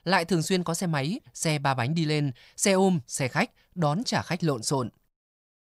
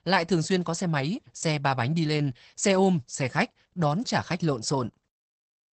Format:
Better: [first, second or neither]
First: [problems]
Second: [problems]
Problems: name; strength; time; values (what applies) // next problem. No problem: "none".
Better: first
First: none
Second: garbled, watery; badly; nothing above 8 kHz